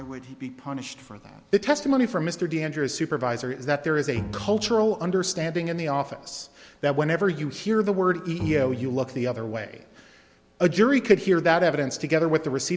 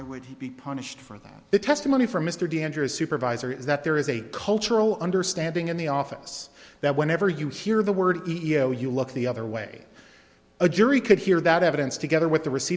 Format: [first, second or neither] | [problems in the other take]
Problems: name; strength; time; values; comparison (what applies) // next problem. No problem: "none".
second | background sound (Bowed string instrument); 13 dB below the speech